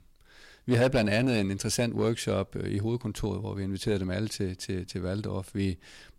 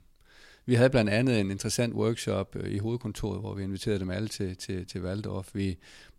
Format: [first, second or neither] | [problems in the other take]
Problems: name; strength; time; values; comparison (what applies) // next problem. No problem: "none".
second | distortion; slight; 3% of the sound clipped